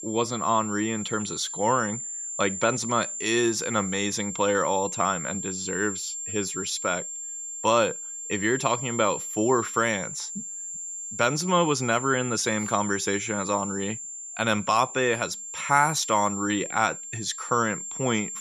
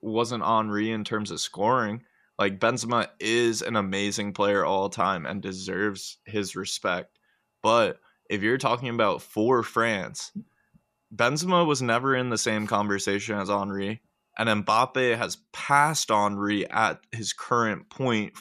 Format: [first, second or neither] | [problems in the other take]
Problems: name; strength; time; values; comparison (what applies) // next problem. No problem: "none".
second | high-pitched whine; loud; throughout; 7.5 kHz, 6 dB below the speech